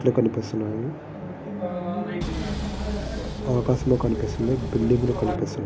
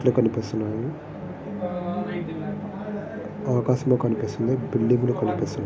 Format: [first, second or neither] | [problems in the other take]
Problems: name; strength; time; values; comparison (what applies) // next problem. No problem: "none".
second | background sound (Engine); 7 dB below the speech